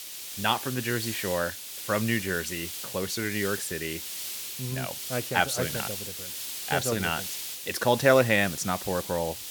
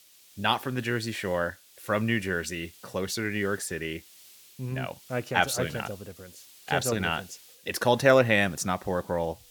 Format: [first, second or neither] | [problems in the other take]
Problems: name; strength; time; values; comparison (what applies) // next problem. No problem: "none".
second | hiss; loud; throughout; 6 dB below the speech; faint in the second